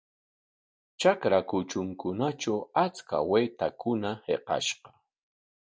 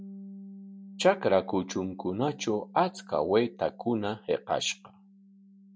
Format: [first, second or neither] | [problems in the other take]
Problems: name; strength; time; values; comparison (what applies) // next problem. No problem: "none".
first | background sound (Bass guitar); 18 dB below the speech